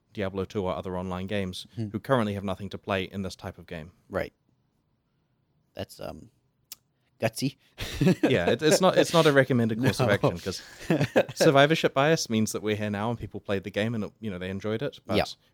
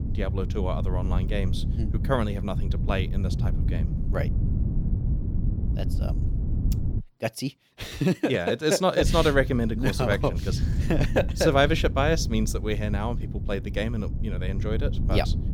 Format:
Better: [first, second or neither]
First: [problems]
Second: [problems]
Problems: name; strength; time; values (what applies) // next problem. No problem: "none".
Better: first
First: none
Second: wind noise on the microphone; occasional gusts; until 7 s and from 9 s on; 15 dB below the speech